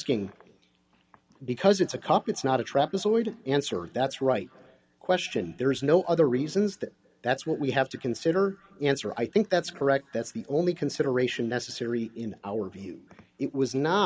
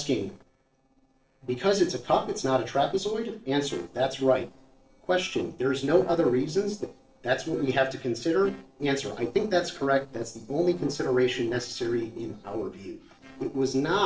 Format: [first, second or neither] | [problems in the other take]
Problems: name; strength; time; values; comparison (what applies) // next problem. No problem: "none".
first | noise reduction (neural separator model SepFormer DNS4)